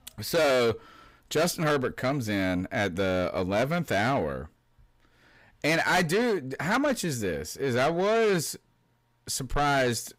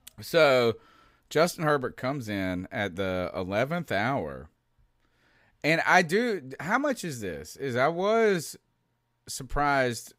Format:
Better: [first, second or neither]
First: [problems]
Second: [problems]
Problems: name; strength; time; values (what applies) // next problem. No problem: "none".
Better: second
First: distortion; heavy; 7 dB below the speech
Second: none